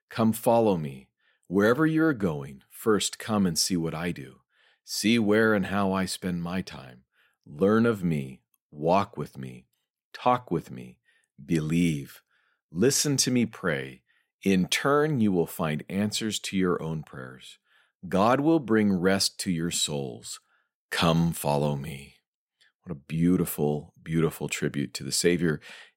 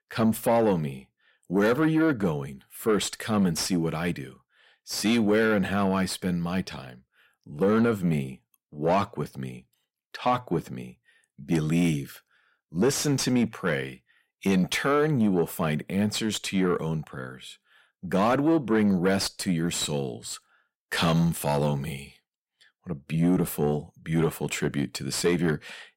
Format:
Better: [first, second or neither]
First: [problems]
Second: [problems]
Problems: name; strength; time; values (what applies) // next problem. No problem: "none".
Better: first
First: none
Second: distortion; slight; 10 dB below the speech